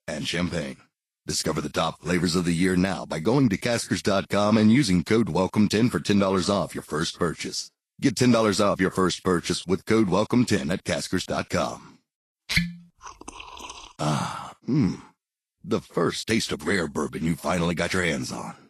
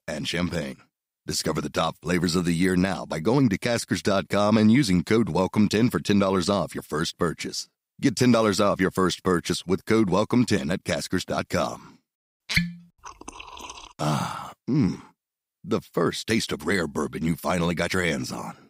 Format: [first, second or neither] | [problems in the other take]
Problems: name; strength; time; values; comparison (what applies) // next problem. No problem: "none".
second | garbled, watery; slightly; nothing above 12.5 kHz